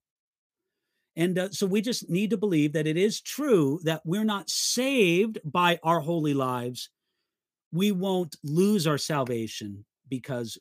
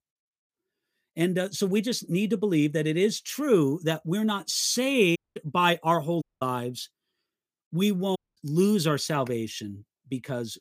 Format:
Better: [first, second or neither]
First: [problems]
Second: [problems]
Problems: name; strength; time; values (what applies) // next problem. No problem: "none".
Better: first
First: none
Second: audio cutting out; at 5 s, at 6 s and at 8 s